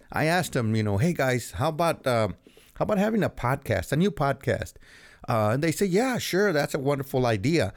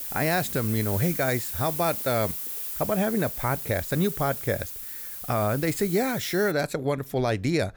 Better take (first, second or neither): first